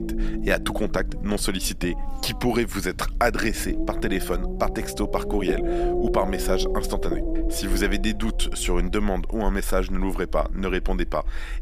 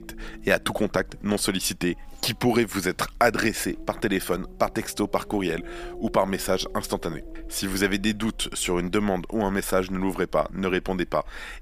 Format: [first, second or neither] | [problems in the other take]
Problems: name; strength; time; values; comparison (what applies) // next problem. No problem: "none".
second | low rumble; loud; throughout; 6 dB below the speech; faint in the second